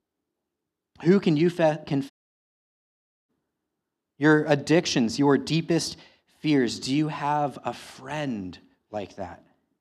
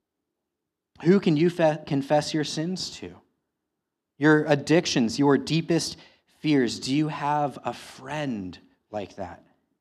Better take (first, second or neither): second